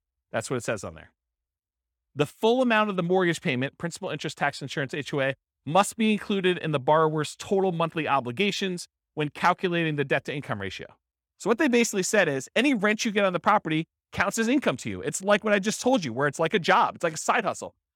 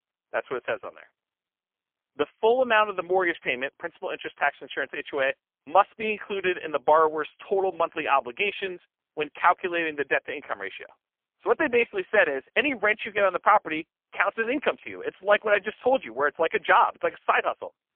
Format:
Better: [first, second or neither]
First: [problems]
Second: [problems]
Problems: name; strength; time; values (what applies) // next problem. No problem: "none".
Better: first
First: none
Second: phone-call audio; poor line